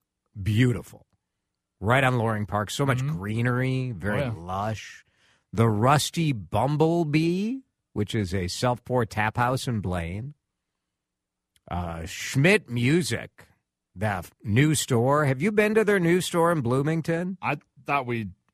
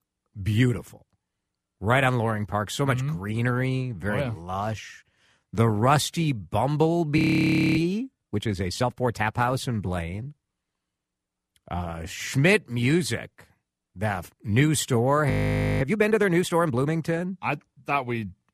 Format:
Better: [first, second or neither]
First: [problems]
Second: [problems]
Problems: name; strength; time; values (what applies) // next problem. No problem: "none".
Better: first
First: none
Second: audio freezing; at 7 s for 0.5 s and at 15 s for 0.5 s